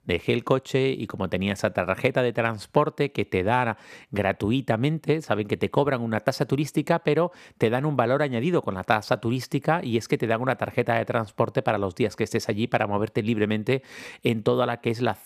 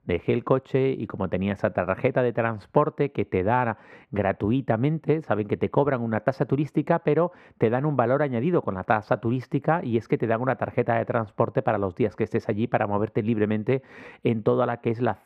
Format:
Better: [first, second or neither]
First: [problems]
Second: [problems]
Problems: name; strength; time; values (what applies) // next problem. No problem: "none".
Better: first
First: none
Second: muffled; very; fading above 3 kHz